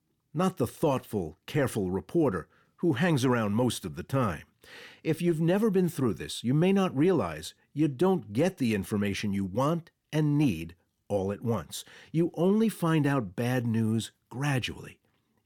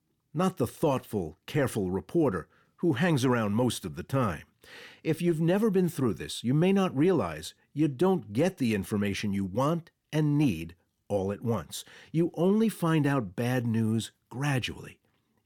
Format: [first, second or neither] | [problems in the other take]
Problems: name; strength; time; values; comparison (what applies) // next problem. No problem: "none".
neither | none